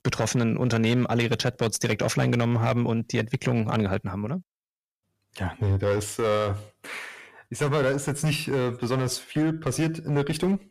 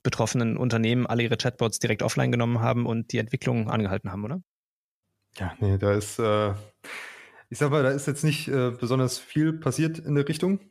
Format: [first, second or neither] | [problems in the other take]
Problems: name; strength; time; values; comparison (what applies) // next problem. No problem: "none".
second | distortion; slight; 8% of the sound clipped